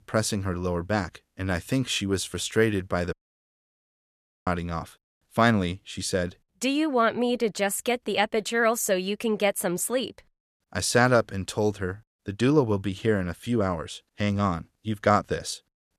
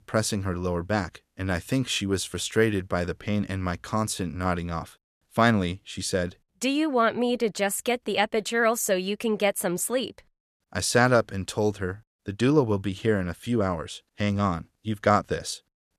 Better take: second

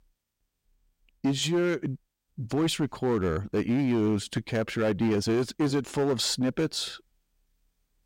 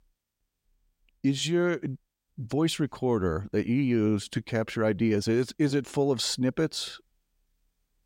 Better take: second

